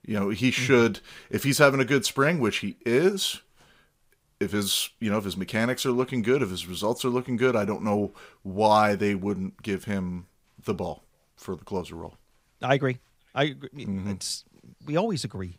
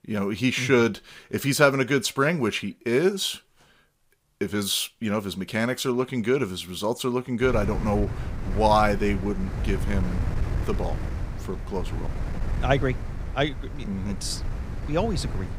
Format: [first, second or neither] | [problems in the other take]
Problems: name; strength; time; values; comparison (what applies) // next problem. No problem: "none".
first | wind noise on the microphone; occasional gusts; from 7.5 s on; 15 dB below the speech